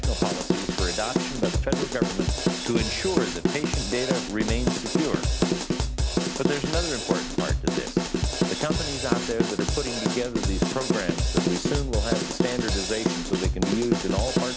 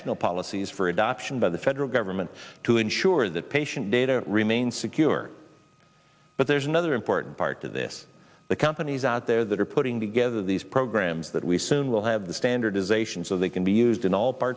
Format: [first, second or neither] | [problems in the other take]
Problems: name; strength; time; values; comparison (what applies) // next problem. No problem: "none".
second | background sound (Drum / Drum kit); 5 dB above the speech